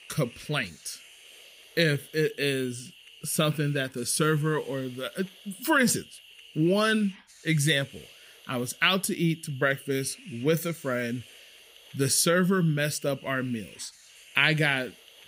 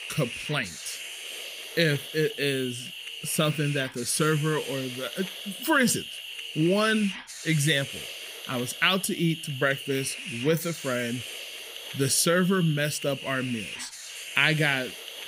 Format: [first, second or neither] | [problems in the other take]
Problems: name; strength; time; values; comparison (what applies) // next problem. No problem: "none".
first | hiss; loud; throughout; 9 dB below the speech; faint in the first